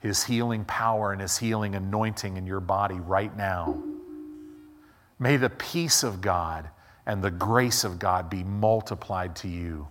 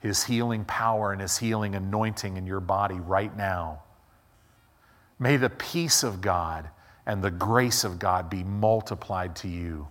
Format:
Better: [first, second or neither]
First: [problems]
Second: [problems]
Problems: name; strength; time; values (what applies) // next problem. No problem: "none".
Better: second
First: phone ringing; noticeable; at 3.5 s; peak 7 dB below the speech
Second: none